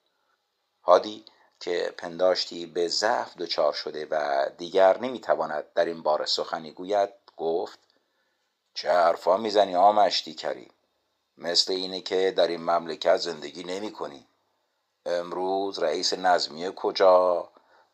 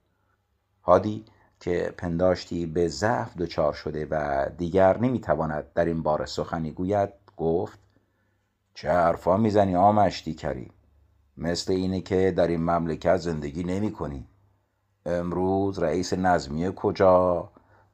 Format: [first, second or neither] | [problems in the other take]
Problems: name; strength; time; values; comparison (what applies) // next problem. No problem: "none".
second | thin; somewhat; fading below 500 Hz